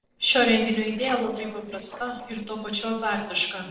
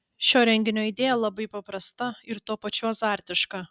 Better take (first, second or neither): second